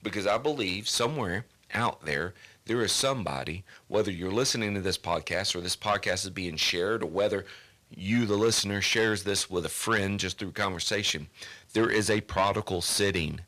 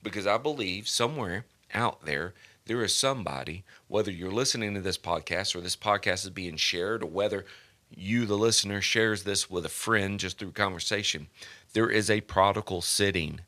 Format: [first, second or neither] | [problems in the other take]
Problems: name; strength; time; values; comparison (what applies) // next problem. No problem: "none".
second | distortion; slight; 10 dB below the speech